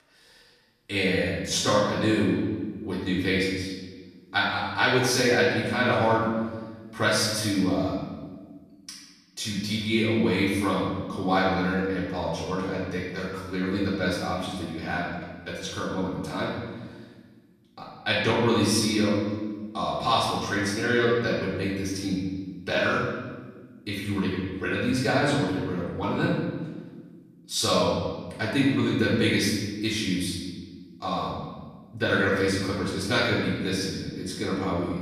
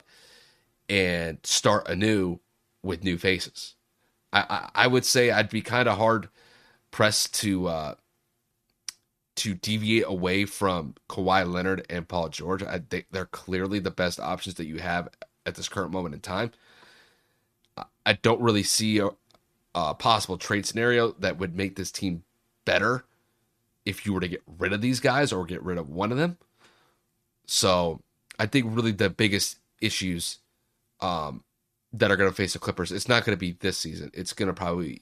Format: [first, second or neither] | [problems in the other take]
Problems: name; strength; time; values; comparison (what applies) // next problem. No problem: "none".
second | off-mic speech; far // room echo; strong; dies away in 1.4 s